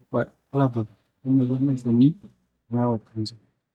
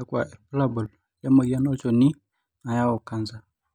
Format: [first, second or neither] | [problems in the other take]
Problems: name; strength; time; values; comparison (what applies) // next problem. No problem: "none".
second | noise reduction (neural mask model DeepFilterNet 3)